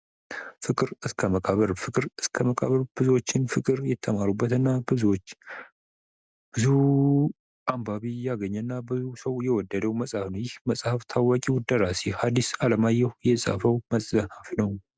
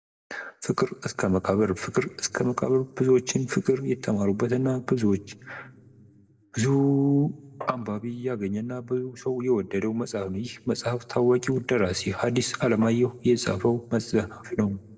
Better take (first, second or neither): first